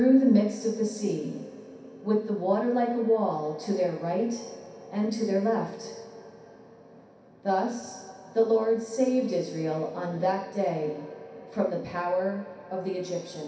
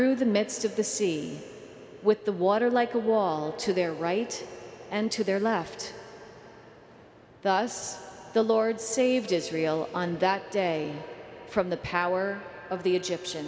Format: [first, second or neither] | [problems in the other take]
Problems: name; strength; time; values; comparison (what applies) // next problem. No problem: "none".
second | room echo; dies away in 0.6 s